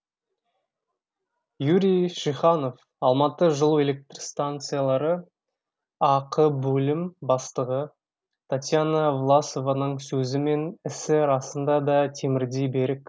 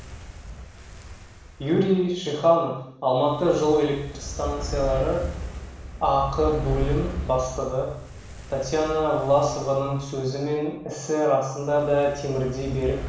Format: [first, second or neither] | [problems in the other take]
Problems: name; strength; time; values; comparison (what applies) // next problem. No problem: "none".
first | background sound (Fire); 10 dB below the speech // room echo; dies away in 0.7 s